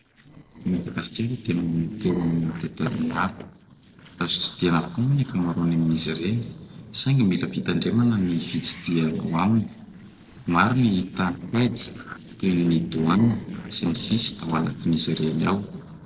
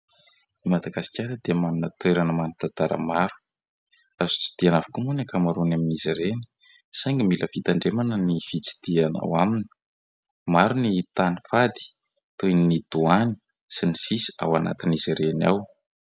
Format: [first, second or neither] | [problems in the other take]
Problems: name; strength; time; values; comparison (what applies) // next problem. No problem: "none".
second | noise reduction (neural separator model SepFormer DNS4)